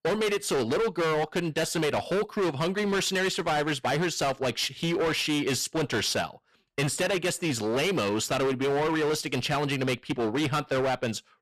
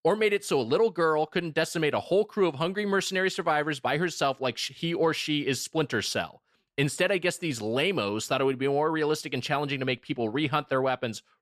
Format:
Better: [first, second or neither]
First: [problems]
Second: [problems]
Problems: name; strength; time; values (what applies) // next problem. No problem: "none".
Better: second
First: distortion; heavy; 25% of the sound clipped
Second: none